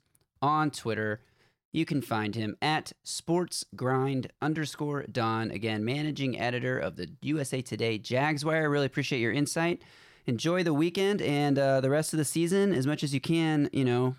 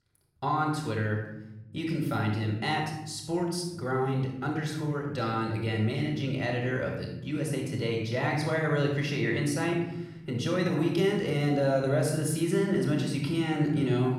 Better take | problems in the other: first | off-mic speech; somewhat distant // room echo; noticeable; dies away in 1 s

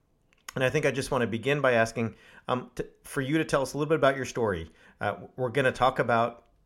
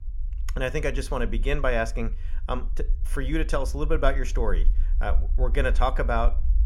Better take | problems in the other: first | low rumble; faint; throughout; 25 dB below the speech

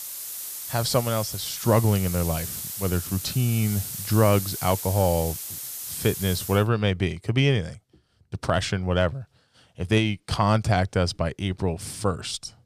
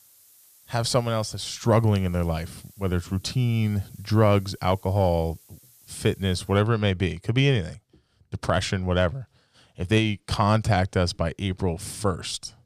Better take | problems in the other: second | hiss; loud; until 6.5 s; 7 dB below the speech; faint in the second

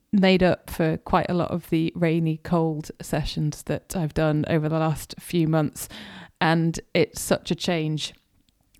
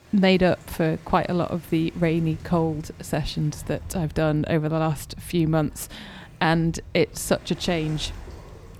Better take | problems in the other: first | rain or running water; noticeable; throughout; 20 dB below the speech

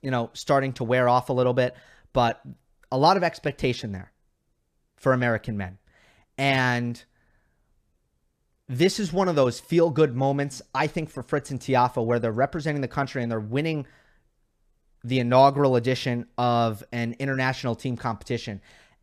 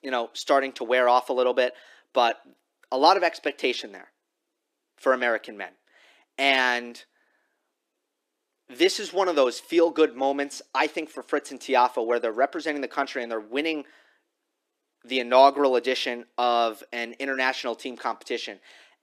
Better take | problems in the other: first | thin; somewhat; fading below 300 Hz

